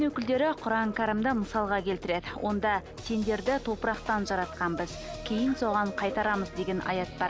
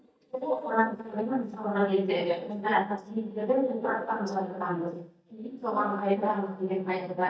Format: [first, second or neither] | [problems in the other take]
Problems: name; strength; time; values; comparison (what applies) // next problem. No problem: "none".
first | noise reduction (neural mask model DeepFilterNet 3)